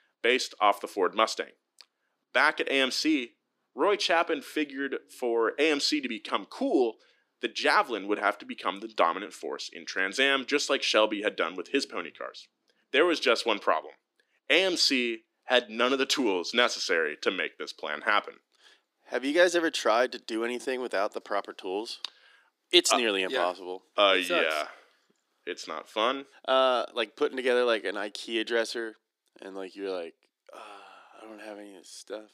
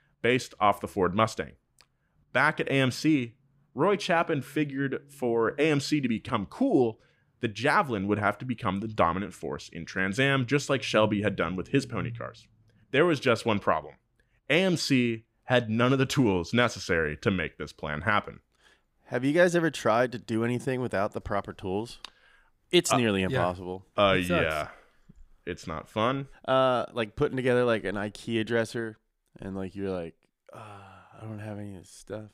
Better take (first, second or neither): second